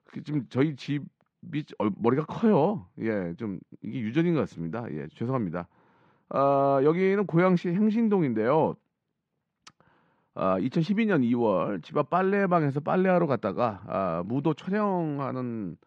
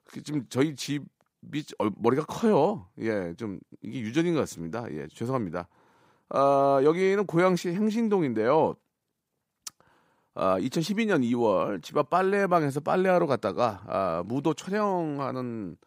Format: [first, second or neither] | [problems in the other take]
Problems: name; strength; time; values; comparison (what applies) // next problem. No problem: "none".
second | muffled; slightly; fading above 2.5 kHz